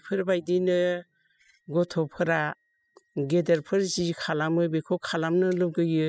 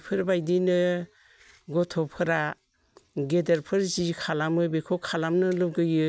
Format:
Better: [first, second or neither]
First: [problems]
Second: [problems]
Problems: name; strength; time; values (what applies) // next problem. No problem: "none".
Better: second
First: noise reduction (classical method spectral subtraction)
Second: none